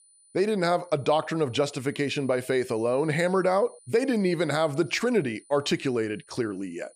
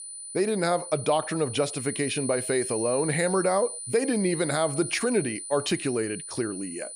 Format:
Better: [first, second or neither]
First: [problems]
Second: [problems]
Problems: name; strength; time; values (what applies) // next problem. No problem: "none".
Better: first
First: high-pitched whine; faint; throughout; 9.5 kHz, 25 dB below the speech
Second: high-pitched whine; loud; throughout; 9.5 kHz, 7 dB below the speech